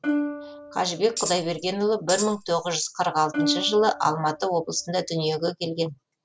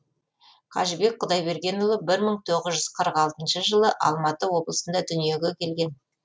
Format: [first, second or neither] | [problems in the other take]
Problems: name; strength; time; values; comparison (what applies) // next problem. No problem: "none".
second | background sound (Tambourine + Plucked string instrument); 6 dB below the speech